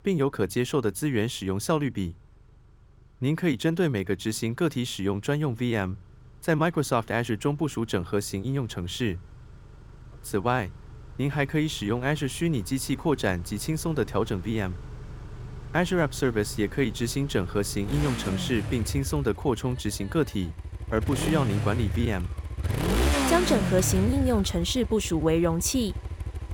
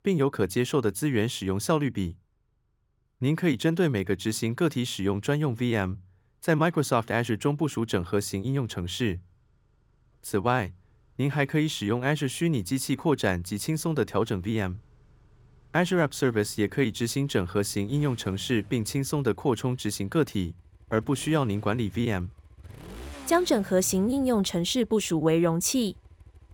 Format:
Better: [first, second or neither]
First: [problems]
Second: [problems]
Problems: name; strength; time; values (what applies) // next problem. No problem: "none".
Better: second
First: traffic noise; loud; throughout; 6 dB below the speech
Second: traffic noise; faint; throughout; 25 dB below the speech